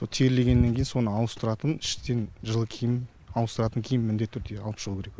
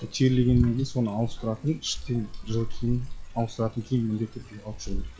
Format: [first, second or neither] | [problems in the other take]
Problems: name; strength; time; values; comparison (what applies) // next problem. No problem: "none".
first | noise reduction (classical method log-MMSE)